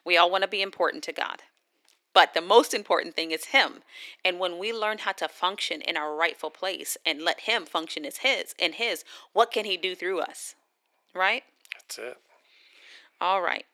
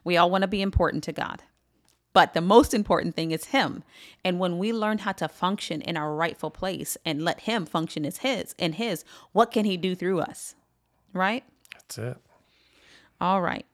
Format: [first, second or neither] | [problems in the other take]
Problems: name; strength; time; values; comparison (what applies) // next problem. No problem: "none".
second | thin; very; fading below 350 Hz